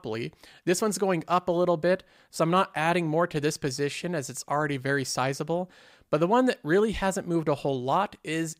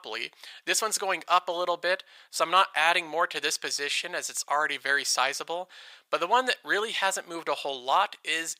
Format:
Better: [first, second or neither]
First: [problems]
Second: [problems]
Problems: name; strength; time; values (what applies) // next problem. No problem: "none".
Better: first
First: none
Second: thin; very; fading below 850 Hz